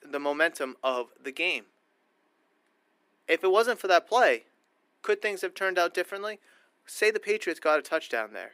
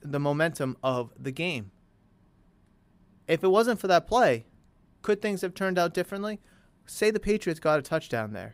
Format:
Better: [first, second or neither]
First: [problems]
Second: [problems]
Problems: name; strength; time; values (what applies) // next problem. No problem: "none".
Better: second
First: thin; somewhat; fading below 300 Hz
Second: none